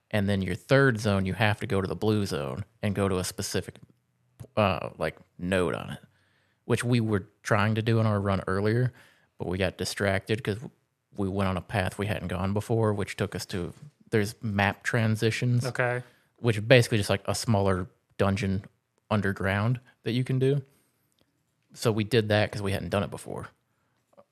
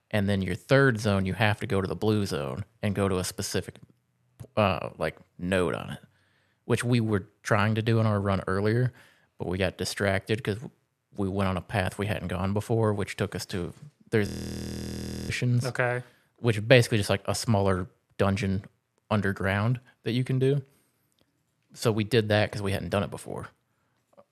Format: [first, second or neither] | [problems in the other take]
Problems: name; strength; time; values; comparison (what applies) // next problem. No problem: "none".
first | audio freezing; at 14 s for 1 s